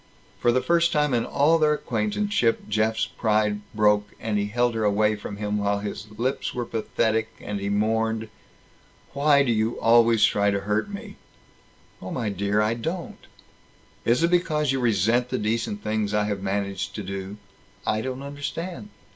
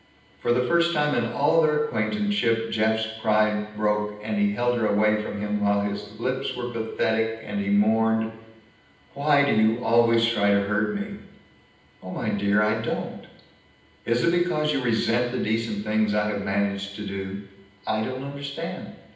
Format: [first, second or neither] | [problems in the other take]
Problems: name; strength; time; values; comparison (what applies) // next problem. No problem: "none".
first | room echo; dies away in 0.9 s